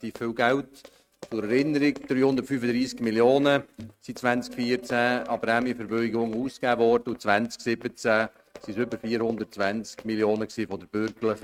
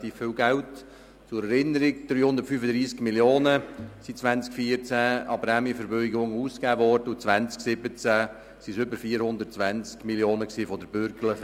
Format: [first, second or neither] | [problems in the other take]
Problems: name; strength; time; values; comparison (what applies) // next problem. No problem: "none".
second | noise reduction (neural mask model RNNoise)